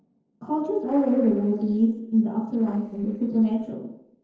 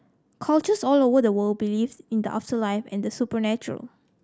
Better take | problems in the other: second | noise reduction (neural separator model SepFormer DNS4)

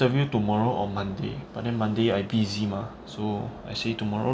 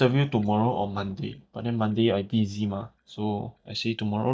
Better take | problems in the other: first | noise reduction (neural mask model DeepFilterNet 3)

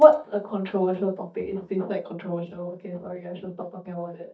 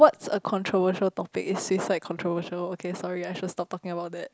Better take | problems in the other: second | noise reduction (neural mask model DeepFilterNet 3)

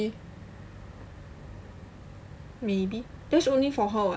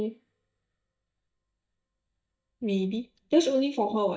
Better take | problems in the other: first | noise reduction (neural mask model DeepFilterNet 3)

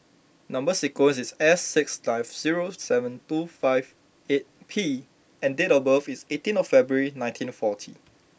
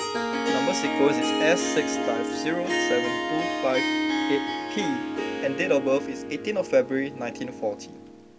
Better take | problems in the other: first | background sound (Harp); as loud as the speech

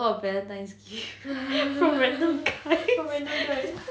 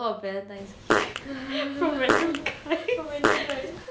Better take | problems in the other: first | background sound (Fart); 1 dB above the speech

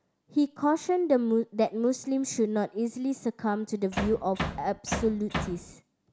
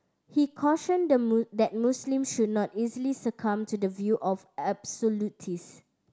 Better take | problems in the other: second | background sound (Bass drum); 6 dB below the speech

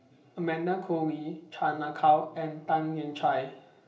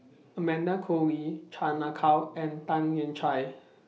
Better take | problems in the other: second | room echo; dies away in 0.7 s

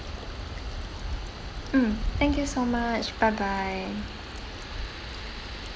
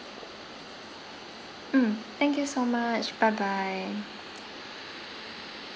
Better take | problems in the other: second | background sound (Stream / Trickle, dribble / Traffic noise, roadway noise); 5 dB below the speech

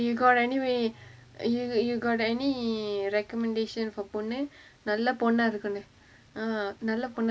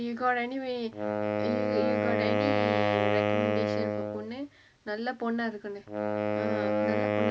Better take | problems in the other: first | background sound (Wind instrument, woodwind instrument); 4 dB above the speech

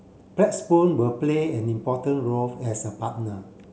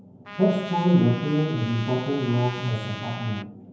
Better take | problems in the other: first | background sound (Trumpet); 14 dB below the speech // room echo; dies away in 0.9 s

